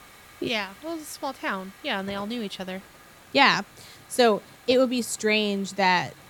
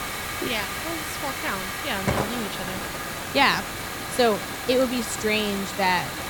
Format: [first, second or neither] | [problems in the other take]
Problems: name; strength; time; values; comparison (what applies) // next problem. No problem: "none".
first | hiss; loud; throughout; 4 dB below the speech; faint in the first